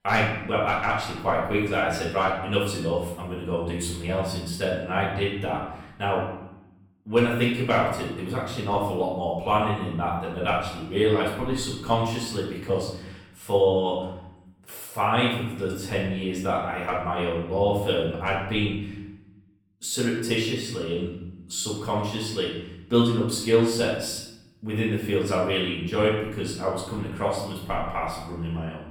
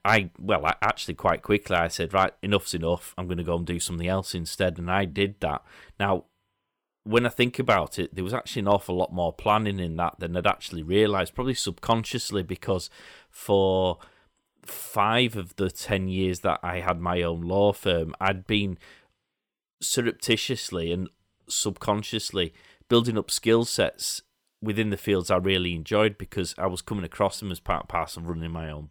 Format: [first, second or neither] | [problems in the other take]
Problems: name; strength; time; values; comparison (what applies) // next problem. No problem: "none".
second | off-mic speech; far // room echo; noticeable; dies away in 0.8 s